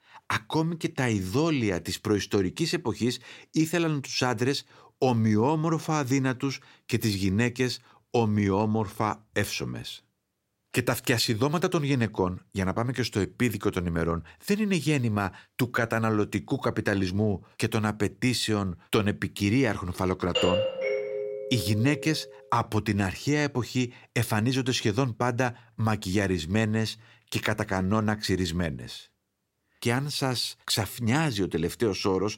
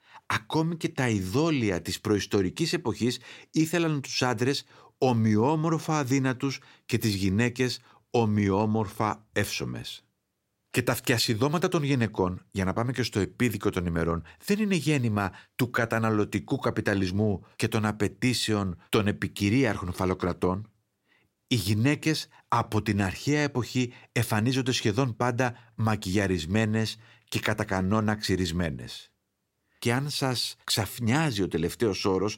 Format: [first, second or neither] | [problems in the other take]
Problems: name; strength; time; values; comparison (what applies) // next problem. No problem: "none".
second | doorbell; loud; from 20 to 22 s; peak 2 dB above the speech